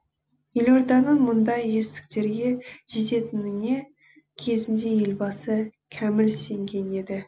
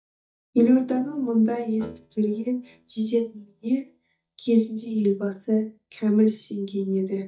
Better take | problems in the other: first | noise reduction (neural mask model DeepFilterNet 3)

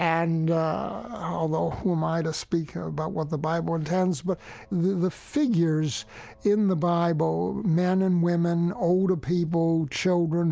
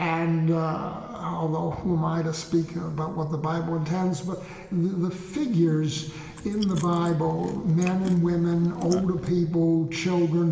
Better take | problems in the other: first | background sound (Chewing, mastication); 15 dB below the speech // room echo; dies away in 2.1 s

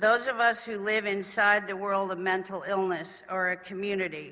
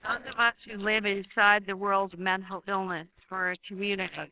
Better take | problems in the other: first | noise reduction (neural separator model SepFormer WHAMR!)

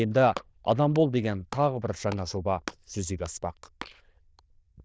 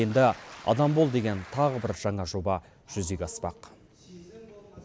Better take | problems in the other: second | noise reduction (neural diffusion model UNIVERSE++)

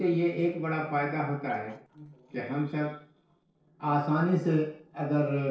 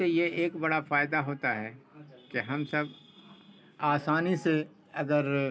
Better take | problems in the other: second | noise reduction (neural separator model SepFormer DNS4)

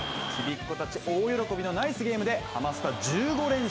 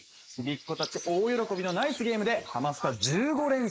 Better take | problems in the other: first | noise reduction (neural mask model Resemble Enhance denoiser)

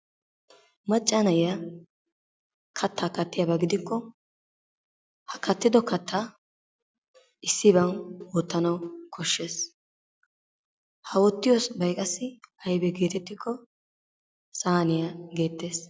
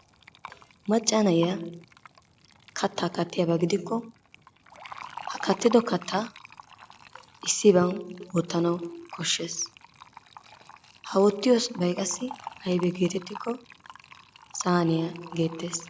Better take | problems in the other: first | background sound (Fill (with liquid)); 18 dB below the speech

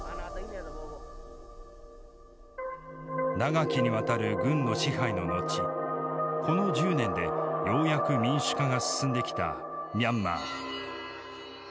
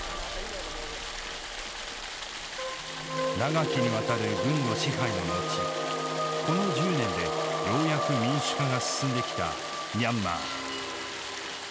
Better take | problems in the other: first | background sound (Stream); 8 dB below the speech

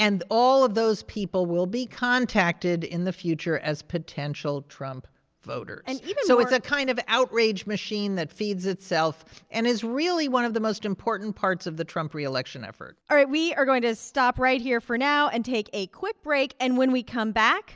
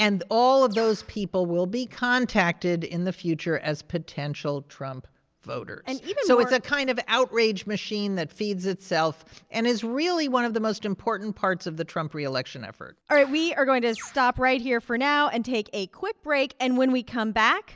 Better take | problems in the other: first | background sound (Bird); 18 dB below the speech

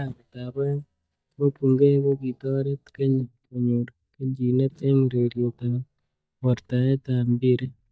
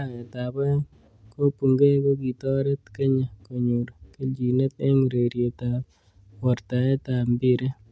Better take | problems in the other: second | noise reduction (neural mask model DeepFilterNet 3)

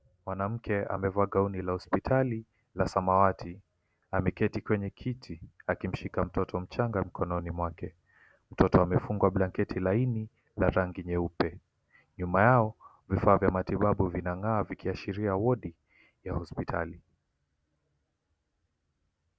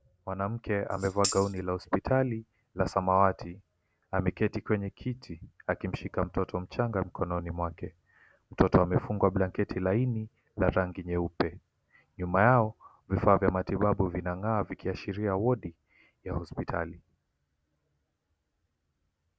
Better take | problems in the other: first | background sound (Tambourine); 8 dB below the speech

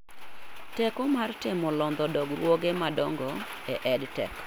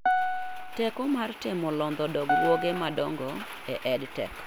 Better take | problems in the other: first | background sound (Piano); 2 dB below the speech

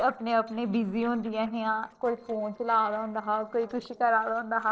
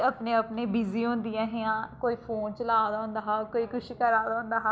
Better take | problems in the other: second | noise reduction (neural separator model SepFormer DNS4)

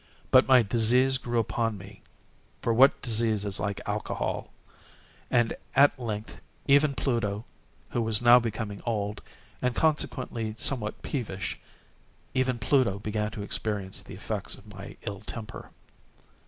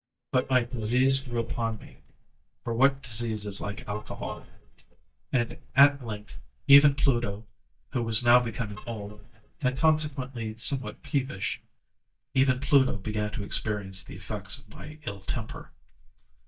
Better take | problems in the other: first | noise reduction (neural mask model DeepFilterNet 3)

